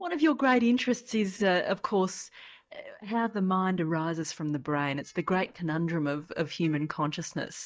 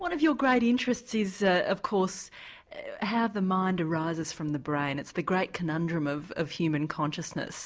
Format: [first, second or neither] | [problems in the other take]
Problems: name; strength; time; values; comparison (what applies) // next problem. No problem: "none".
second | noise reduction (neural mask model DeepFilterNet 3)